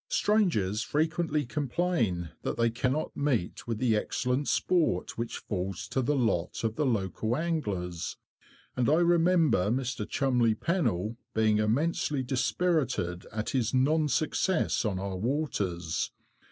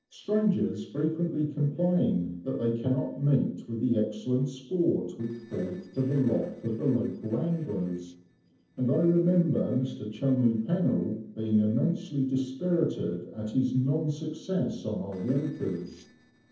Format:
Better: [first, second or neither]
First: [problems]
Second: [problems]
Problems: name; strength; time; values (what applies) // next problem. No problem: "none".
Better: first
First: none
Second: noise reduction (neural separator model SepFormer DNS4)